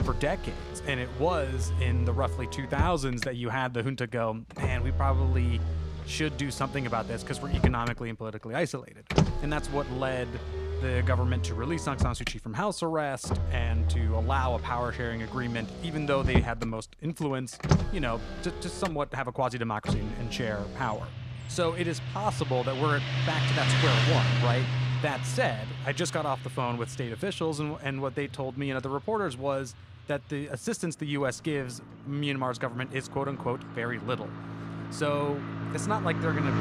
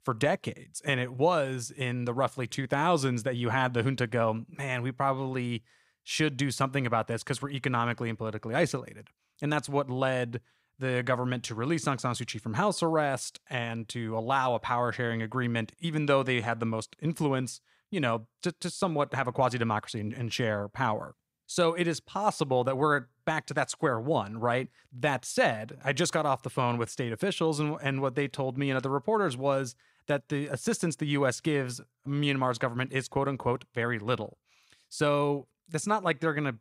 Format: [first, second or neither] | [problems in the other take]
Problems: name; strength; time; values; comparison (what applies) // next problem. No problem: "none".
second | traffic noise; very loud; throughout; as loud as the speech